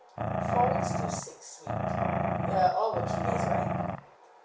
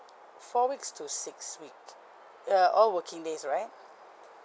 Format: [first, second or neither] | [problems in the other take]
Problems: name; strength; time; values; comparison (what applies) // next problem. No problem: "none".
second | background sound (Growling); 3 dB above the speech // room echo; dies away in 0.4 s